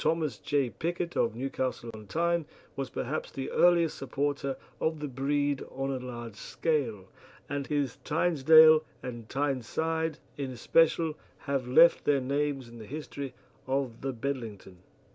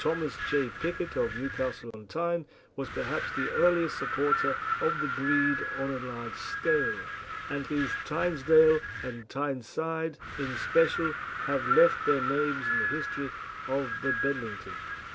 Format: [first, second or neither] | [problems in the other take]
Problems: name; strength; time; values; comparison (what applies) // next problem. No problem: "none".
first | background sound (Wind); 4 dB below the speech